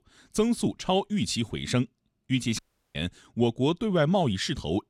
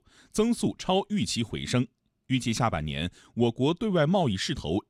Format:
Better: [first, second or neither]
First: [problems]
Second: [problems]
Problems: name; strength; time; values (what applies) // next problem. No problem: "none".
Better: second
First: audio cutting out; at 2.5 s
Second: none